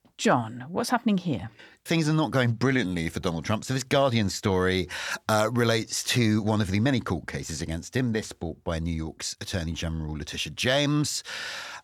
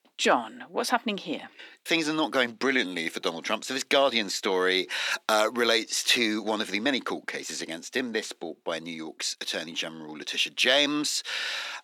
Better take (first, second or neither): first